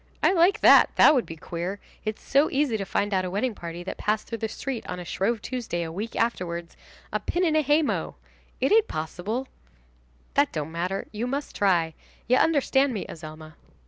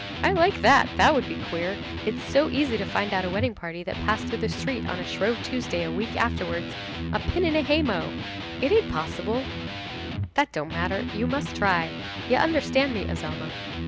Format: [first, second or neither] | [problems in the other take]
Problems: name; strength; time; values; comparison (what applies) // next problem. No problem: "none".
first | background sound (Electric guitar); 6 dB below the speech